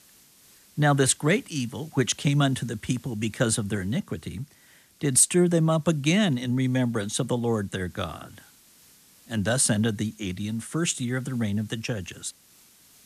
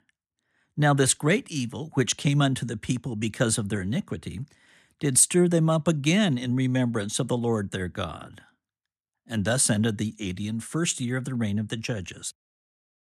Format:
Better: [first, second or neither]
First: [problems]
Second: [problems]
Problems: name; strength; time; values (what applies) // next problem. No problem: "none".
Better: second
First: hiss; faint; throughout; 30 dB below the speech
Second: none